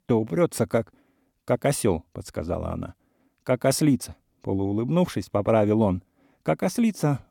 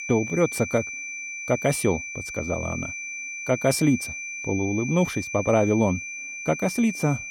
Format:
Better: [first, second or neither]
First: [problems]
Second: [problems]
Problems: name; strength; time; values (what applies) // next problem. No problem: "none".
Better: first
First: none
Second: high-pitched whine; loud; throughout; 2.5 kHz, 7 dB below the speech